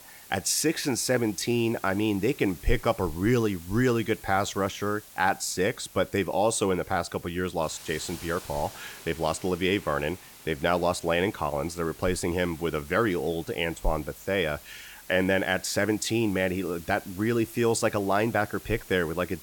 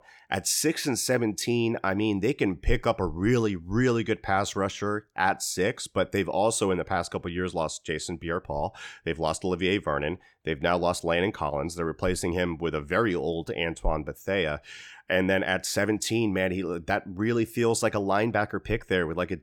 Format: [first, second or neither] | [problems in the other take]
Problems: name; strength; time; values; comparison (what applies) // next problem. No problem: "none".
second | hiss; noticeable; throughout; 20 dB below the speech